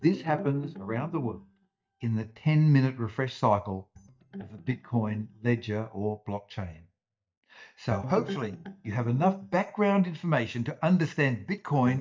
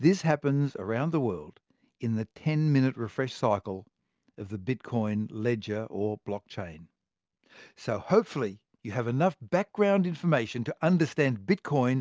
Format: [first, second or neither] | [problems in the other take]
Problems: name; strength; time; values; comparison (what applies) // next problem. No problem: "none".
second | noise reduction (neural mask model DeepFilterNet 3)